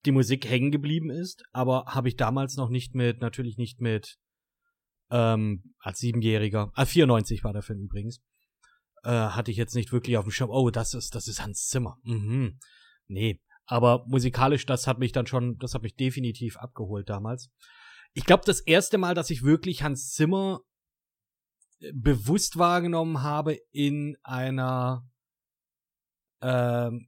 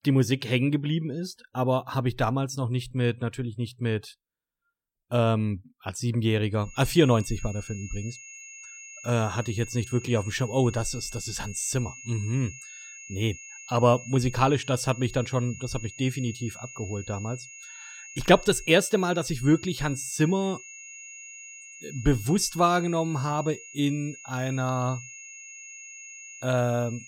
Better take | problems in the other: first | high-pitched whine; noticeable; from 6.5 s on; 2.5 kHz, 15 dB below the speech

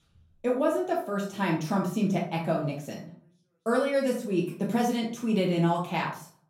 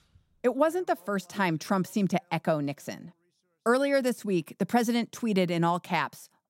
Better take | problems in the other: second | off-mic speech; far // room echo; slight; dies away in 0.4 s

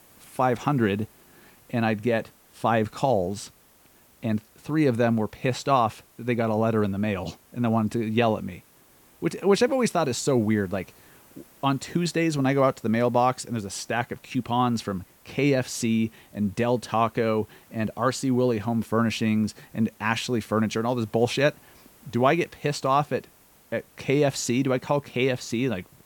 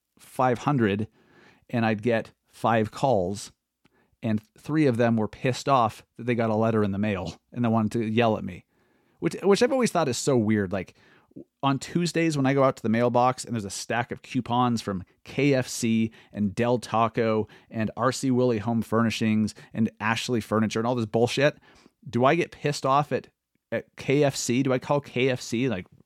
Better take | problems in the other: second | hiss; faint; throughout; 30 dB below the speech

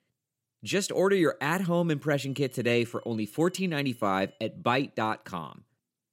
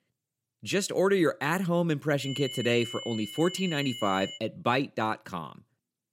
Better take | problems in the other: first | high-pitched whine; loud; from 2 to 4.5 s; 3 kHz, 10 dB below the speech; faint in the first

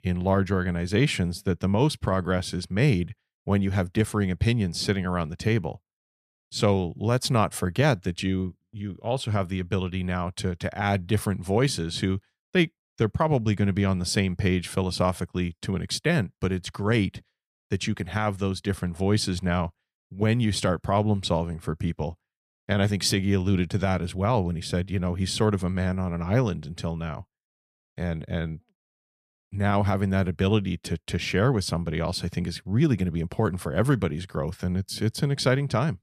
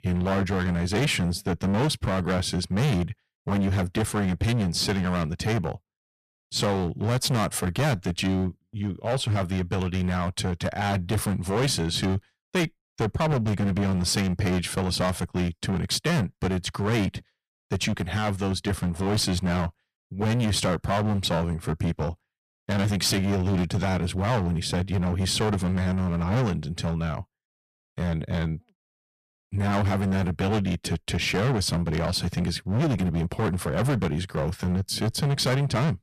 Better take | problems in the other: first | distortion; heavy; 19% of the sound clipped

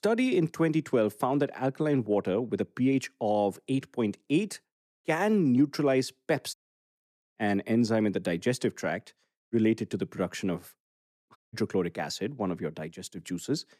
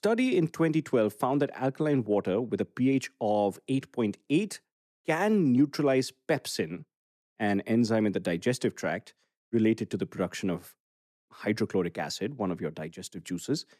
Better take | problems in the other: second | audio cutting out; at 6.5 s and at 11 s

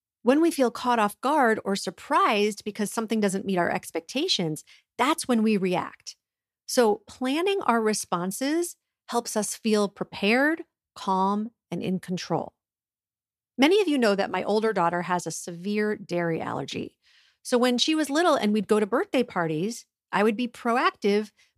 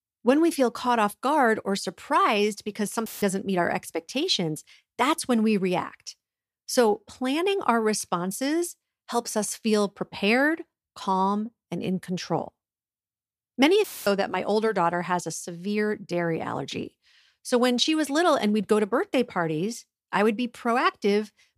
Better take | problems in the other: first | audio cutting out; filled with static; at 3 s and at 14 s

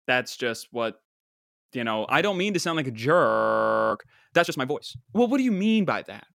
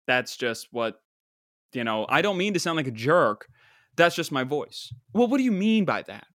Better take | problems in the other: second | audio freezing; at 3.5 s for 0.5 s

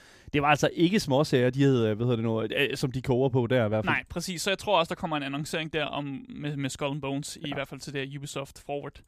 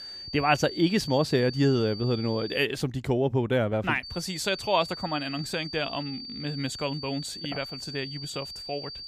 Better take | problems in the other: first | high-pitched whine; loud; until 2.5 s and from 4 s on; 4.5 kHz, 10 dB below the speech

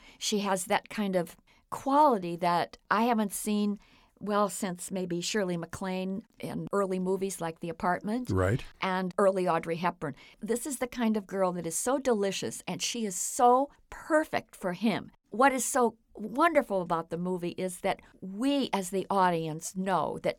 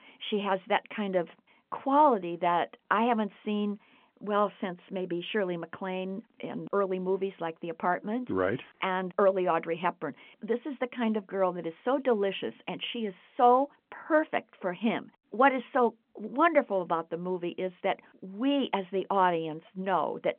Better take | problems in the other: first | phone-call audio; nothing above 3.5 kHz

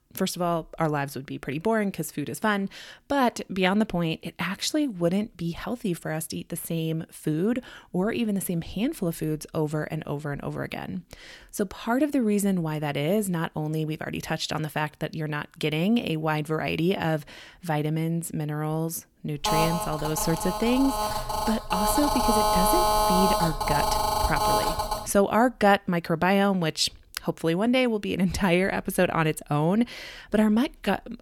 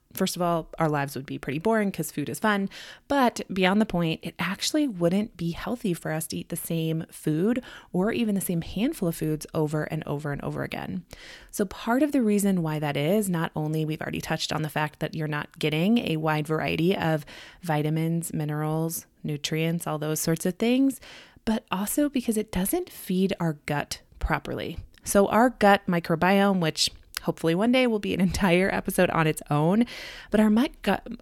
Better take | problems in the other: second | phone ringing; loud; from 19 to 25 s; peak 5 dB above the speech

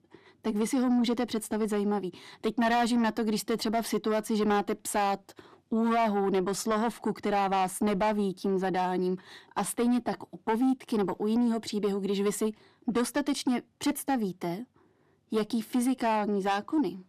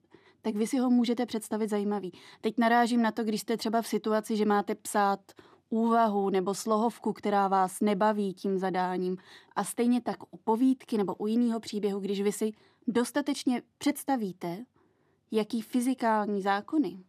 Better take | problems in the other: second | distortion; slight; 10 dB below the speech

